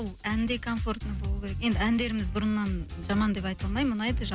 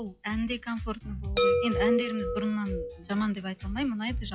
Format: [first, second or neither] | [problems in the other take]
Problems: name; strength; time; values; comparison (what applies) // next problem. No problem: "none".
first | noise reduction (classical method log-MMSE)